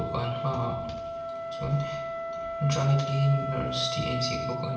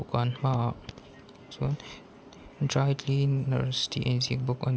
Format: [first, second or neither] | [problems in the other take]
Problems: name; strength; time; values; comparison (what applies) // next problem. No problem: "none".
second | background sound (Wind instrument, woodwind instrument); 4 dB below the speech // room echo; dies away in 0.7 s